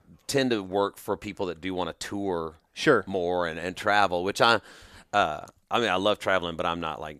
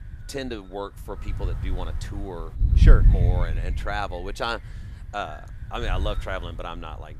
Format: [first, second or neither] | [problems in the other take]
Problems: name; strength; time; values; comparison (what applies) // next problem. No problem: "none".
first | wind noise on the microphone; occasional gusts; 10 dB below the speech